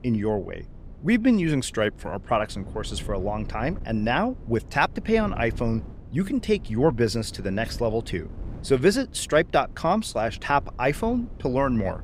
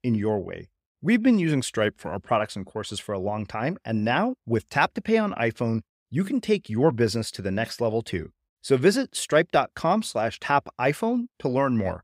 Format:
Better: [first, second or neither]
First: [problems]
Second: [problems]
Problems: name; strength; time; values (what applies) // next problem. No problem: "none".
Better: second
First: wind noise on the microphone; occasional gusts; 25 dB below the speech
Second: none